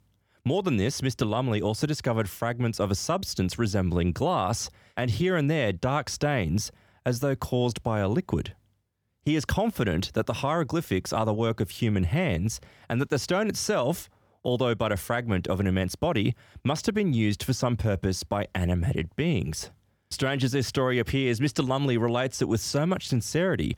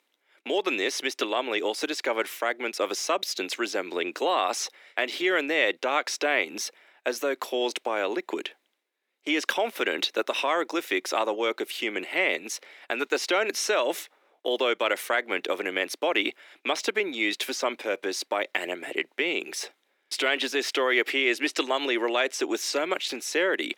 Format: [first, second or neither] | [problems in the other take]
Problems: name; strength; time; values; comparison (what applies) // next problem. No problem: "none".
first | thin; very; fading below 300 Hz